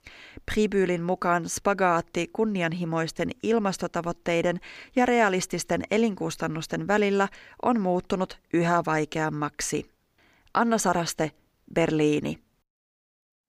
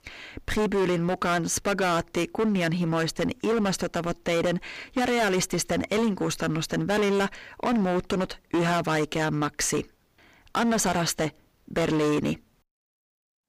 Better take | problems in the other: first | distortion; heavy; 16% of the sound clipped

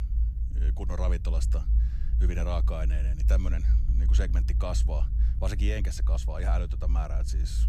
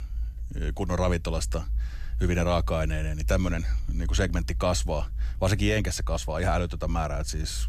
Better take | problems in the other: second | low rumble; loud; throughout; 9 dB below the speech; faint in the second

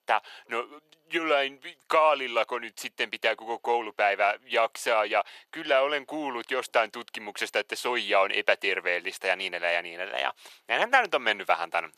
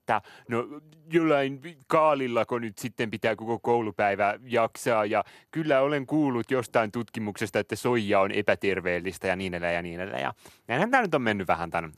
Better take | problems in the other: second | thin; very; fading below 600 Hz

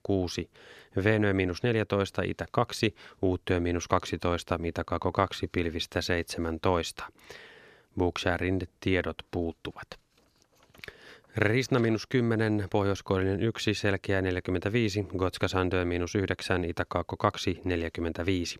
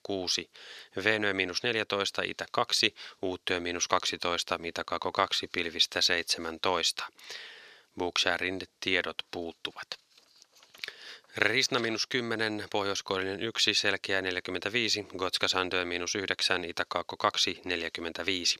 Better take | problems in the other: first | thin; somewhat; fading below 750 Hz

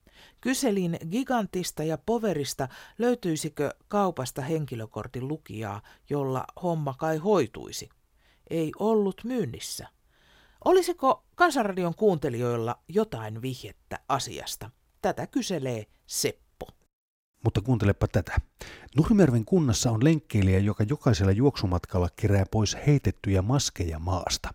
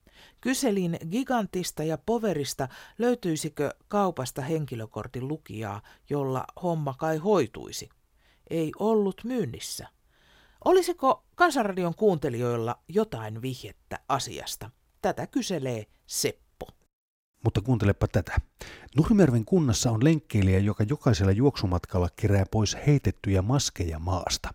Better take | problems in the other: neither | none

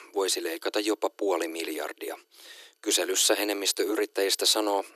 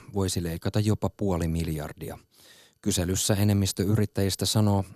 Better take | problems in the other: second | thin; very; fading below 300 Hz

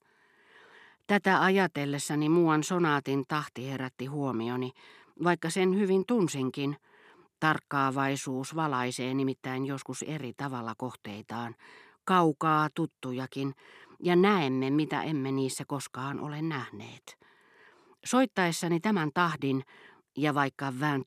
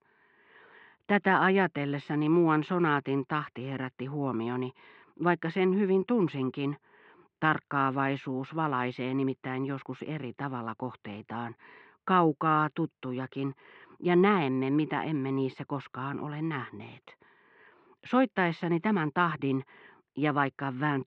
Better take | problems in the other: first | muffled; very; fading above 3 kHz

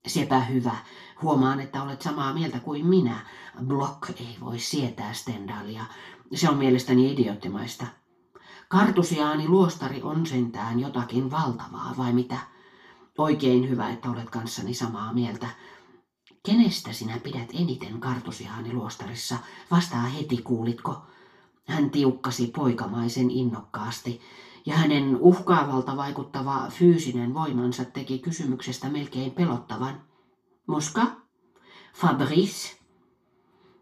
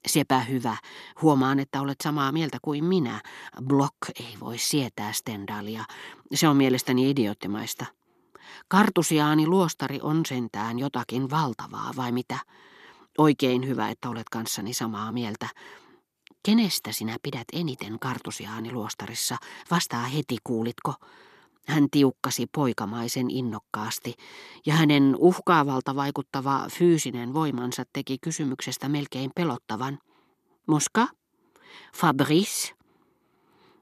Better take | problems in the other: second | room echo; very slight; dies away in 0.3 s // off-mic speech; far

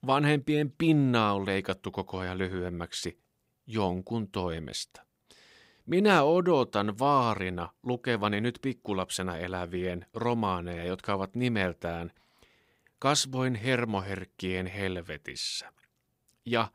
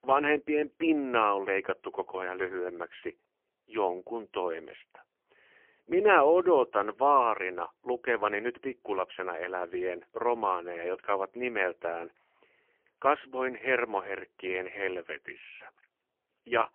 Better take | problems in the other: first | phone-call audio; poor line; nothing above 3 kHz

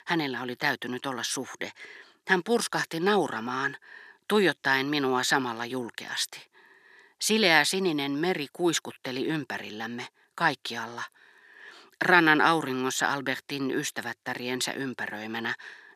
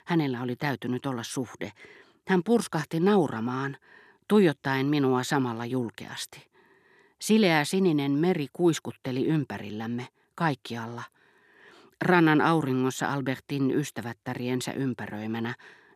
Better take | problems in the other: second | thin; somewhat; fading below 650 Hz

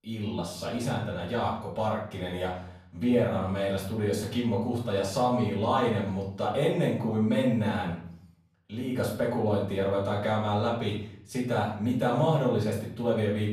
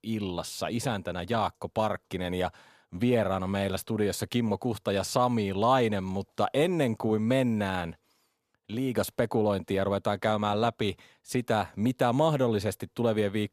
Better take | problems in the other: second | off-mic speech; far // room echo; noticeable; dies away in 0.6 s

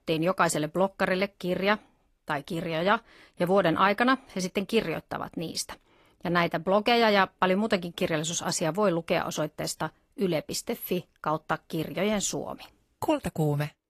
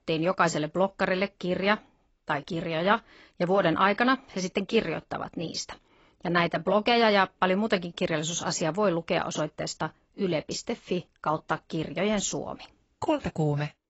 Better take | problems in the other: first | garbled, watery; badly; nothing above 7.5 kHz; slightly in the first

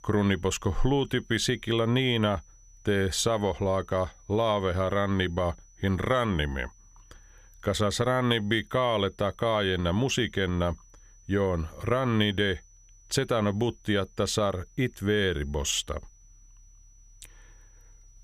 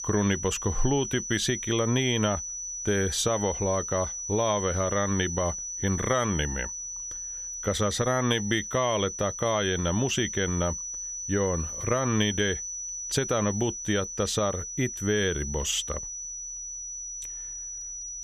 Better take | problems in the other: first | high-pitched whine; loud; throughout; 6 kHz, 5 dB below the speech; faint in the first

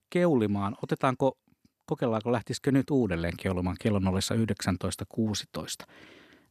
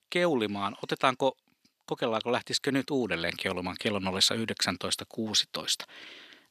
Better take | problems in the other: first | thin; very slightly; fading below 450 Hz

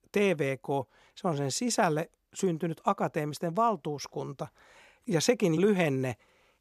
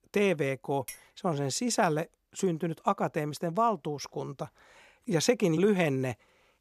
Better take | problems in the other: first | clattering dishes; faint; at 1 s; peak 15 dB below the speech

